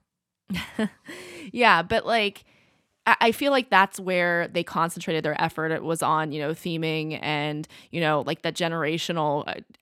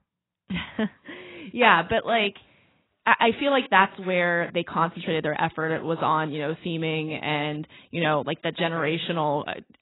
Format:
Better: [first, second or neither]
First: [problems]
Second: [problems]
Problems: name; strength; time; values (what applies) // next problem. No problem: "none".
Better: first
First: none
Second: garbled, watery; badly; nothing above 4 kHz